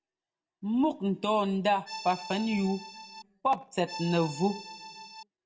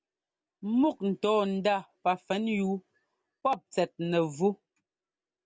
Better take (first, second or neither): second